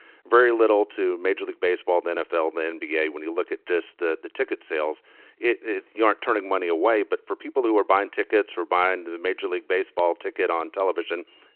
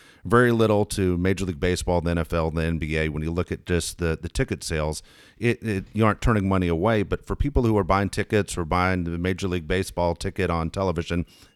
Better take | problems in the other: second | phone-call audio

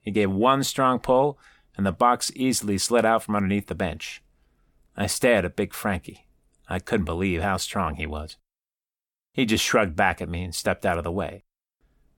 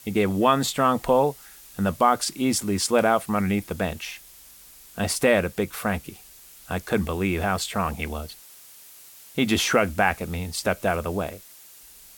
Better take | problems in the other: first | hiss; faint; throughout; 20 dB below the speech

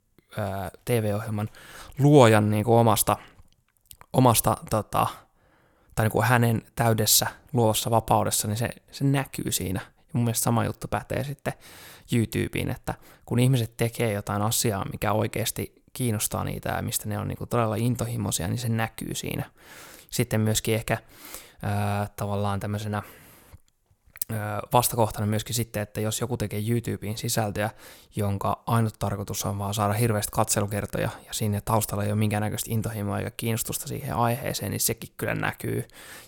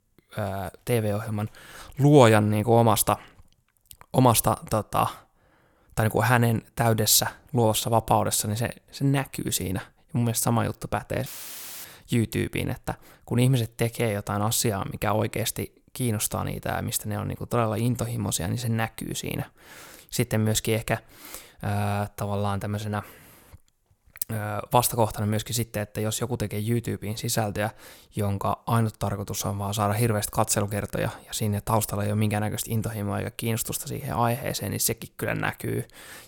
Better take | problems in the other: first | audio cutting out; filled with static; at 11 s for 0.5 s

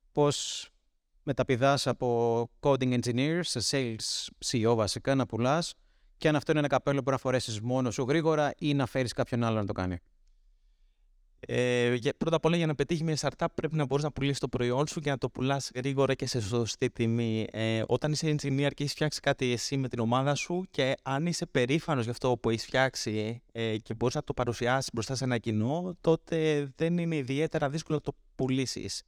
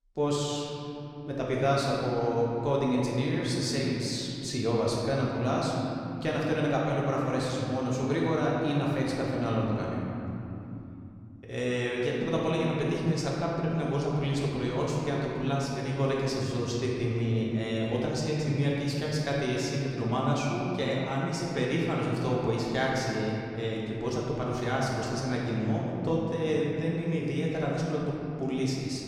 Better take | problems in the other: first | room echo; noticeable; dies away in 3 s // off-mic speech; far

